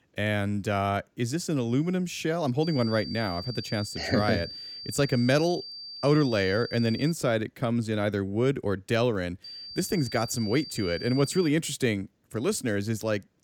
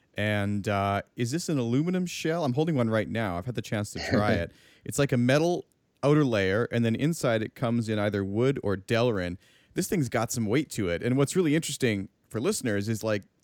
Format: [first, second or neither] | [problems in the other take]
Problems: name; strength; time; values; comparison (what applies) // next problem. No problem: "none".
second | high-pitched whine; noticeable; from 2.5 to 7 s and from 9.5 to 11 s; 4.5 kHz, 10 dB below the speech